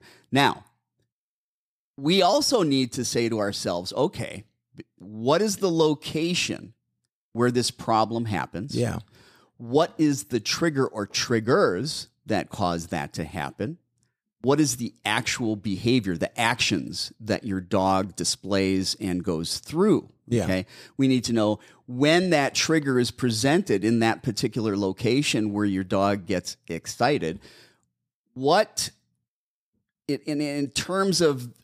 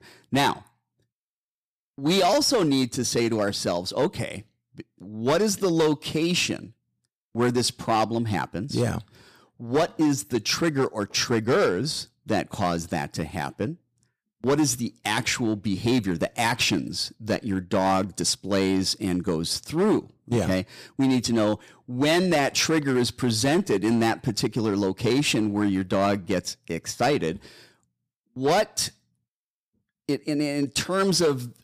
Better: first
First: none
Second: distortion; slight; 6% of the sound clipped

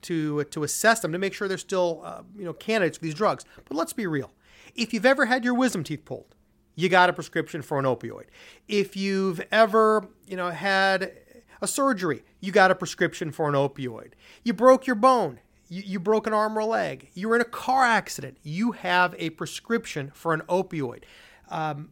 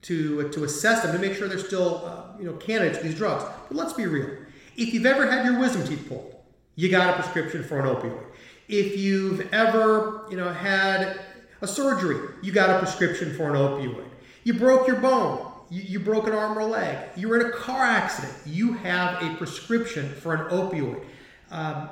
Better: first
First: none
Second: room echo; noticeable; dies away in 1 s

